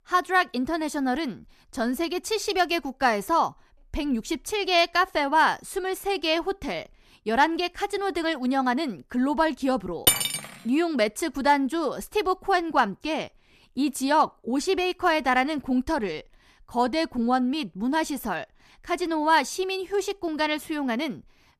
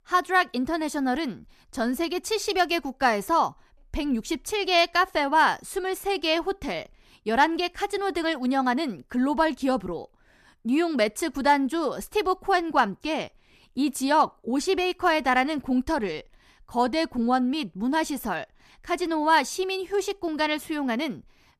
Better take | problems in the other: second | clattering dishes; loud; at 10 s; peak 5 dB above the speech

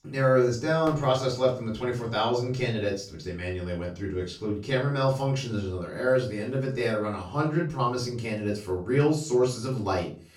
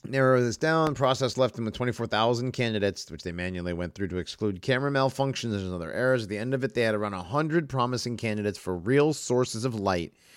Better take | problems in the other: second | room echo; slight; dies away in 0.3 s // off-mic speech; far

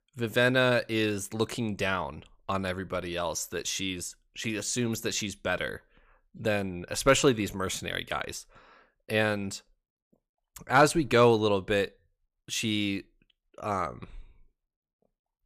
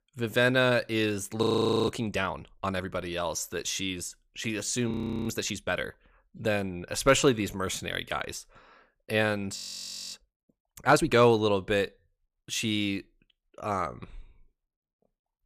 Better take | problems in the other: first | audio freezing; at 1.5 s, at 5 s and at 9.5 s for 0.5 s

